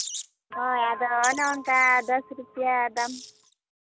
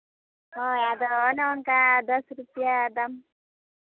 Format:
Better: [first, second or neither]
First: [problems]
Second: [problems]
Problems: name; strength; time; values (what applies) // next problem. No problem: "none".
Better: second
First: background sound (Percussion + Wild animals); 12 dB below the speech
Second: none